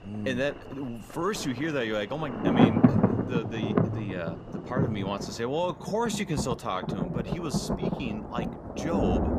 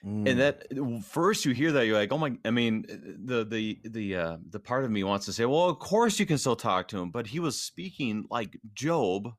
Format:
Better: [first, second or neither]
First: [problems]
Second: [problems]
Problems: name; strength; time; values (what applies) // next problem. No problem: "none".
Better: second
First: rain or running water; very loud; throughout; 4 dB above the speech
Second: none